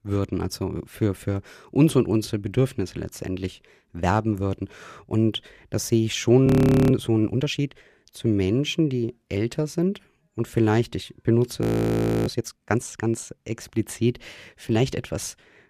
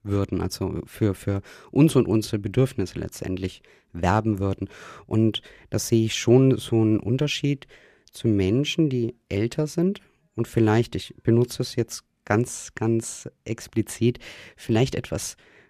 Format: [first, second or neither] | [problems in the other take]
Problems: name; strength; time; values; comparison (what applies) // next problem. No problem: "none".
second | audio freezing; at 6.5 s and at 12 s for 0.5 s